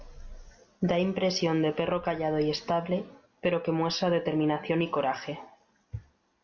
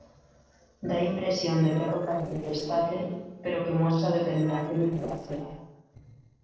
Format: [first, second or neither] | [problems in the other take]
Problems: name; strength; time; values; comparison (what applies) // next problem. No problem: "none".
first | noise reduction (neural separator model SepFormer DNS4)